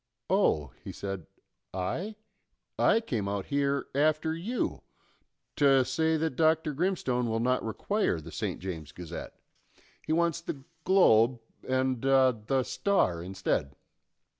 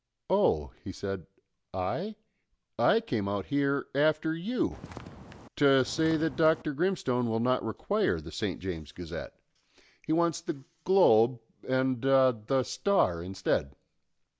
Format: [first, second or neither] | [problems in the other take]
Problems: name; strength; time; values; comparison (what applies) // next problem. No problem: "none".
first | background sound (Walk, footsteps); 15 dB below the speech